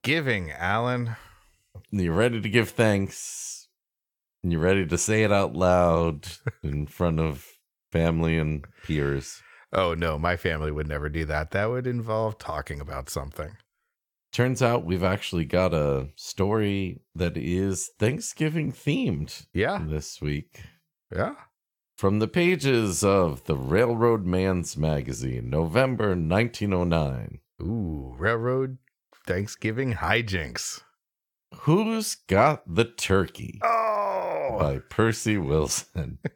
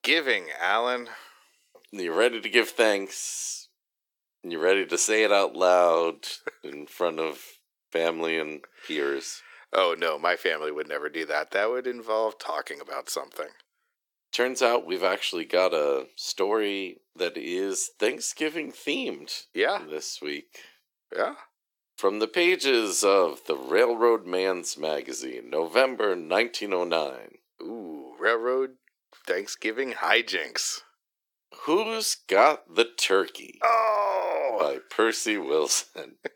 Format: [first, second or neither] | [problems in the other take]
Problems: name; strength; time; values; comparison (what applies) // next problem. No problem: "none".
first | thin; very; fading below 300 Hz